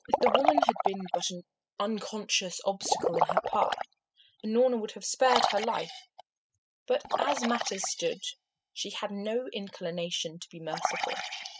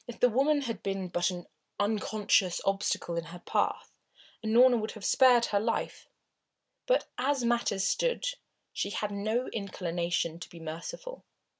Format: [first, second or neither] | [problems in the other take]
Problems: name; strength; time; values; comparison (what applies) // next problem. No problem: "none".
second | noise reduction (classical method spectral subtraction)